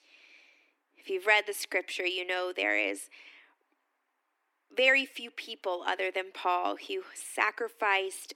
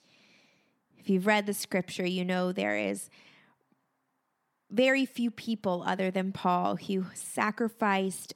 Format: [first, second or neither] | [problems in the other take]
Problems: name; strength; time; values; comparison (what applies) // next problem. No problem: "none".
second | thin; very; fading below 300 Hz